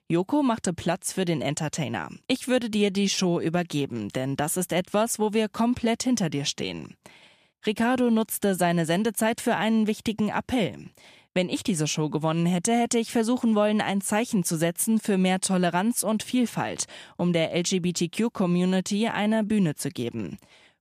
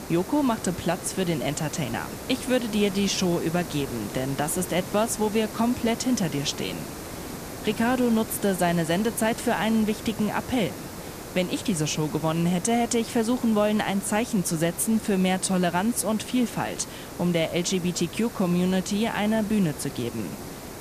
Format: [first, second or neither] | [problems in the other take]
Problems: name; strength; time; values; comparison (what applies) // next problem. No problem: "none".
first | hiss; noticeable; throughout; 10 dB below the speech